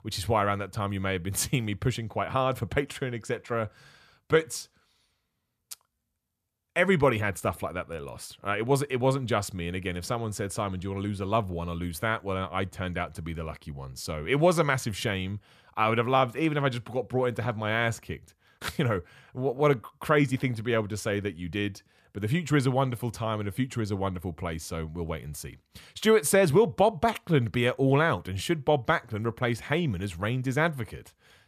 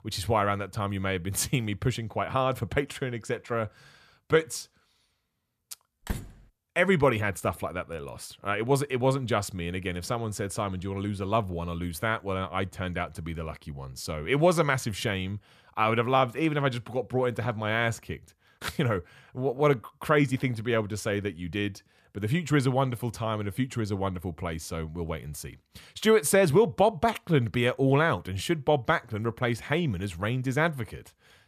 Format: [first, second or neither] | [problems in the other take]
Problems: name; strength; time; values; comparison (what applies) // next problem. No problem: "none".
first | door banging; noticeable; at 6 s; peak 10 dB below the speech